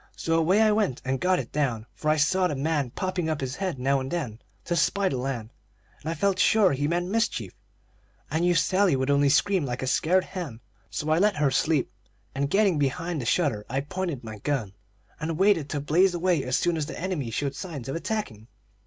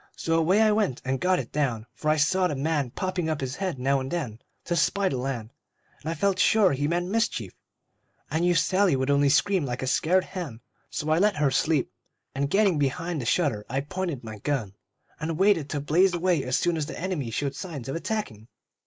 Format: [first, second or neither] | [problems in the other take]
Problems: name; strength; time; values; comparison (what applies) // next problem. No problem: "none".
first | noise reduction (neural mask model Resemble Enhance denoiser)